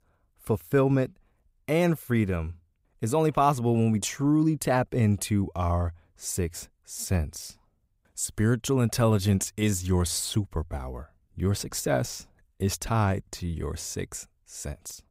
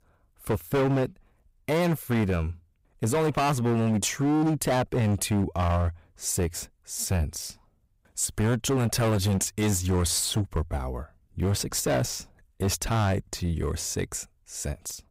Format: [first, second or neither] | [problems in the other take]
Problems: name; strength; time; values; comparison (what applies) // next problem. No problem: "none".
first | distortion; heavy; 14% of the sound clipped